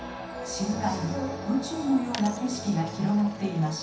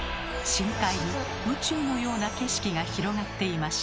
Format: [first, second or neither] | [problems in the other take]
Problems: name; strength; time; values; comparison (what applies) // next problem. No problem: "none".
second | background sound (Coin (dropping)); 18 dB below the speech // room echo; dies away in 0.7 s